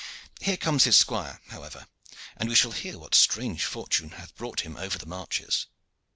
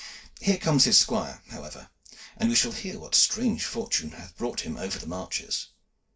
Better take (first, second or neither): first